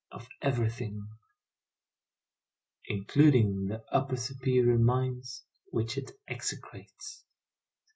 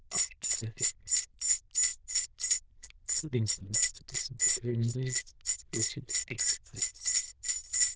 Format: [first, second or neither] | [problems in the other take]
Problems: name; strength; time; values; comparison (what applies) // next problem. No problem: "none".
first | noise reduction (neural diffusion model UNIVERSE++)